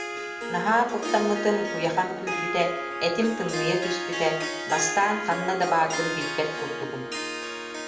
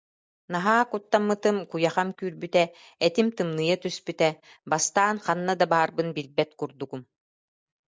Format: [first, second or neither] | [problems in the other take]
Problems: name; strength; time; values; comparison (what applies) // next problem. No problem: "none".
second | background sound (Harp); 4 dB below the speech // room echo; dies away in 0.6 s